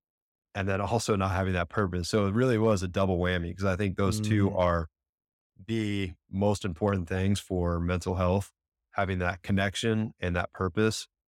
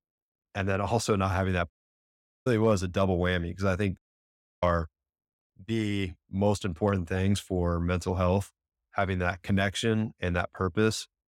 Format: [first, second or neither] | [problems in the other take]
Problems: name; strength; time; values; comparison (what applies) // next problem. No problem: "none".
first | audio cutting out; at 1.5 s for 1 s and at 4 s for 0.5 s